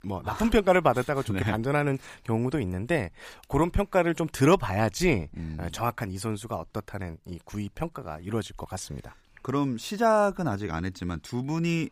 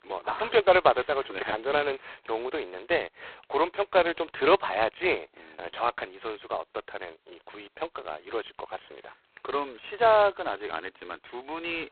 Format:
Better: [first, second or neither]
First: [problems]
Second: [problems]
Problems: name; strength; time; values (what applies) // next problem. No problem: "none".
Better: first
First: none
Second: phone-call audio; poor line; nothing above 4 kHz